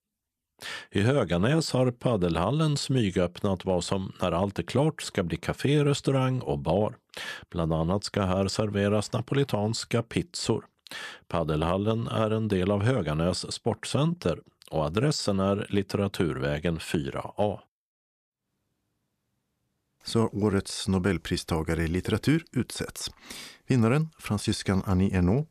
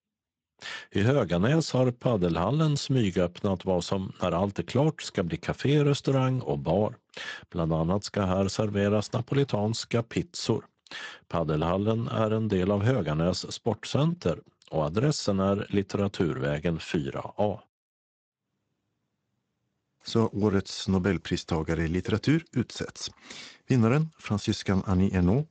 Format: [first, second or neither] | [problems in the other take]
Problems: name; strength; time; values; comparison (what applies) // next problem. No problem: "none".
first | garbled, watery; slightly; nothing above 8 kHz